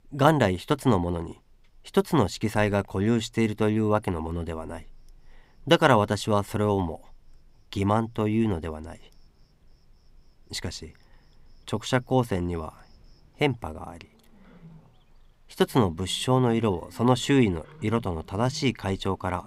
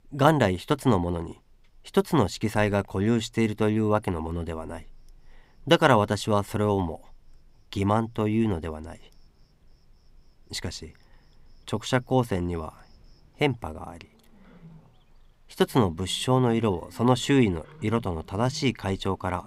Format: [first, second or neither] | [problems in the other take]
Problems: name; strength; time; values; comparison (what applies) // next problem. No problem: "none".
neither | animal sounds; faint; throughout; 30 dB below the speech; the same in both